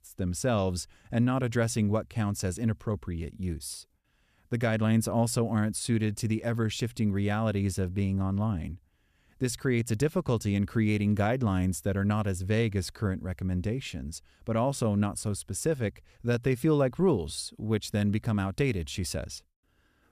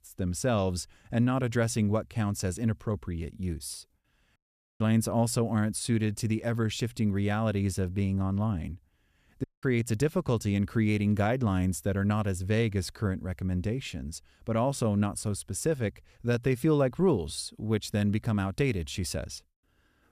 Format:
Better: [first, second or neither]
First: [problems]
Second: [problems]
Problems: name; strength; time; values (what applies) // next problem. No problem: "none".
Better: first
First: none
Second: audio cutting out; at 4.5 s and at 9.5 s